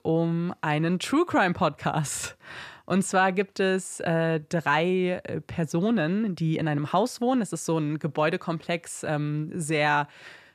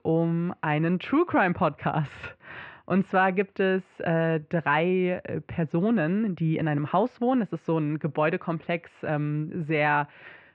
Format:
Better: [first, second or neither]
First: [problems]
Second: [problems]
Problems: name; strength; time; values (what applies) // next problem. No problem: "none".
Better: first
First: none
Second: muffled; very; fading above 2.5 kHz